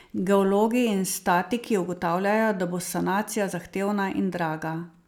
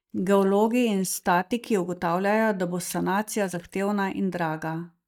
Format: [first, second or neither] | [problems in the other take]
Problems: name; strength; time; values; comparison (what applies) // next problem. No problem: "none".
first | noise reduction (neural mask model DeepFilterNet 3)